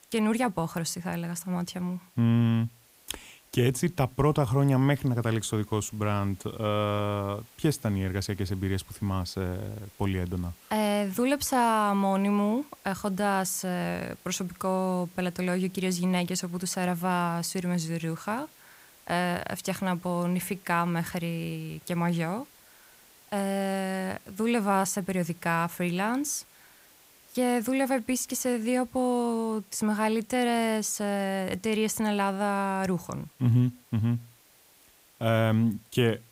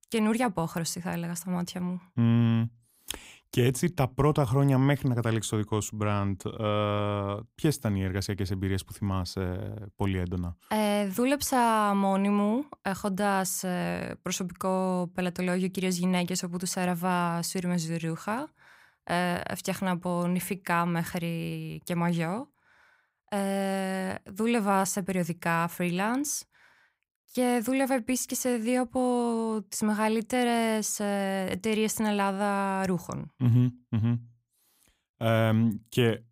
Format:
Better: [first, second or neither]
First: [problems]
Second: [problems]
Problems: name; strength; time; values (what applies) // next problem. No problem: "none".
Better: second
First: hiss; faint; throughout; 25 dB below the speech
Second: none